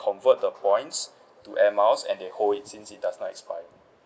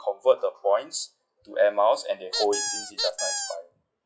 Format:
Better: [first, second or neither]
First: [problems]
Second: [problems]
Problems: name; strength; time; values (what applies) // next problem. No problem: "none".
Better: first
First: none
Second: noise reduction (classical method log-MMSE)